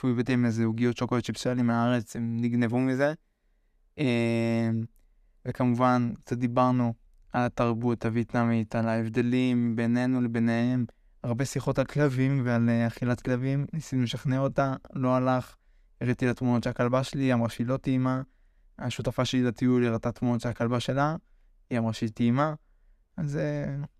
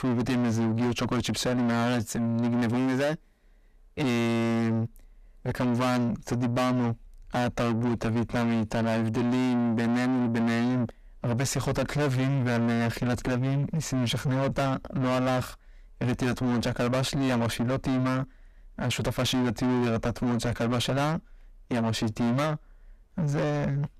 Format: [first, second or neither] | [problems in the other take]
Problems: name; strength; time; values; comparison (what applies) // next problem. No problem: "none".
first | distortion; heavy; 6 dB below the speech